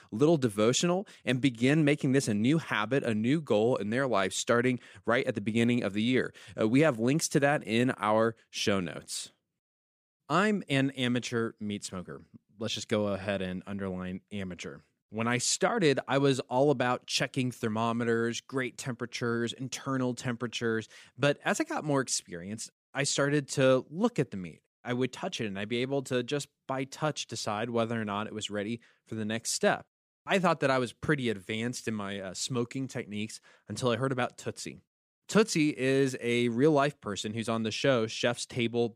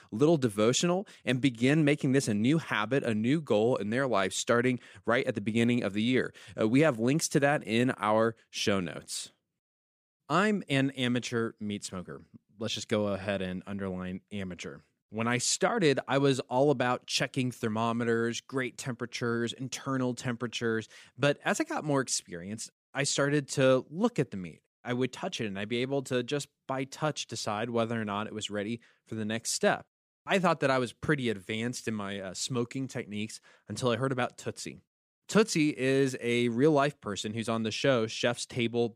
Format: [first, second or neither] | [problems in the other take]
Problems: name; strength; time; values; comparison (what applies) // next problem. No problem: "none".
neither | none